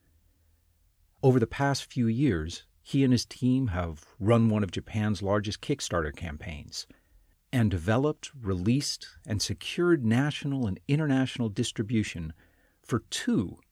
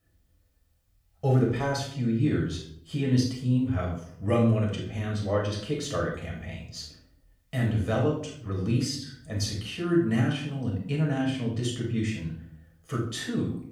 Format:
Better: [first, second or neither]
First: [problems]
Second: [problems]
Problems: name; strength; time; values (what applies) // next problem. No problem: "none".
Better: first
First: none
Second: off-mic speech; far // room echo; noticeable; dies away in 0.5 s